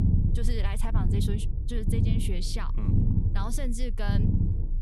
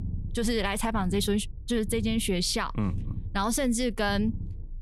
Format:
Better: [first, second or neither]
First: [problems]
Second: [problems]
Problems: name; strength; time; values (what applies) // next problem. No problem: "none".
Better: second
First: low rumble; loud; throughout; 1 dB below the speech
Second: low rumble; faint; throughout; 20 dB below the speech